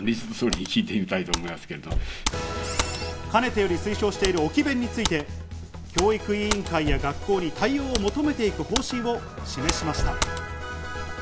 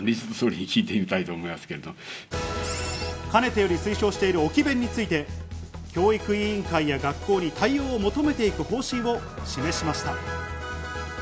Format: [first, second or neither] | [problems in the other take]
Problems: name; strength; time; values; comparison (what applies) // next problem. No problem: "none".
second | background sound (Computer keyboard + Slam / Car); 6 dB below the speech